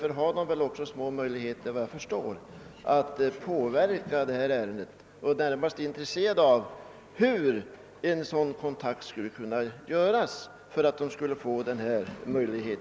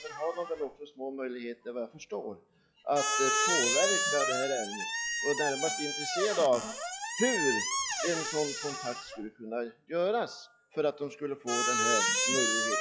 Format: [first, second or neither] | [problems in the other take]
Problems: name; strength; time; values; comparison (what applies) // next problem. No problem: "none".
first | noise reduction (classical method log-MMSE)